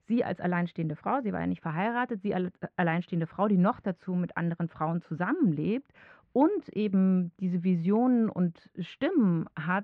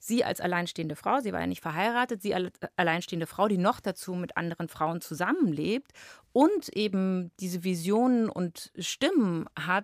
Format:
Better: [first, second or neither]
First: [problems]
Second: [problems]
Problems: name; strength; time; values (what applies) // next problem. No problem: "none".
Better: second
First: muffled; very; fading above 2.5 kHz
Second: none